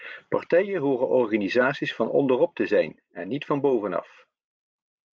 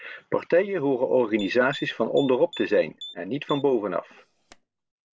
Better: first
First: none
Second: background sound (Typing); 20 dB below the speech

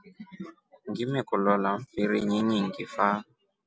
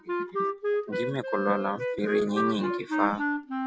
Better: first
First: none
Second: background sound (Wind instrument, woodwind instrument); 1 dB above the speech

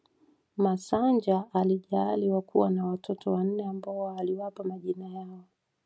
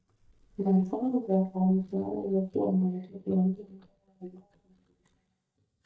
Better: first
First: none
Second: noise reduction (neural mask model DeepFilterNet 3)

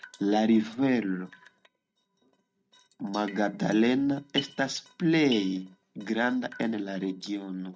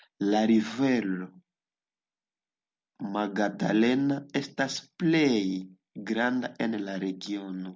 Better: second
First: noise reduction (neural mask model RNNoise)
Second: none

